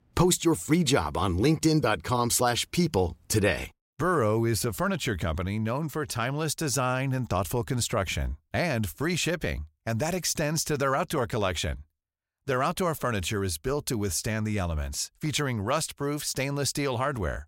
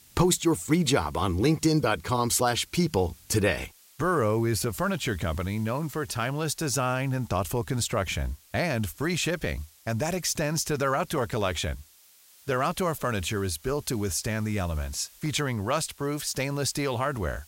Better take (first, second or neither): first